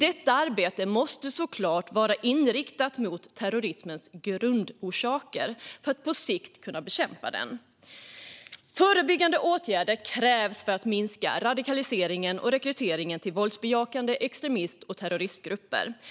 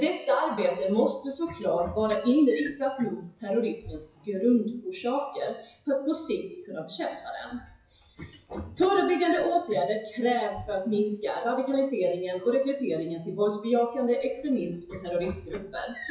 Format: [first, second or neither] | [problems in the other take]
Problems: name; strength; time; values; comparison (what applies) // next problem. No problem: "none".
first | noise reduction (classical method WPE with log-MMSE)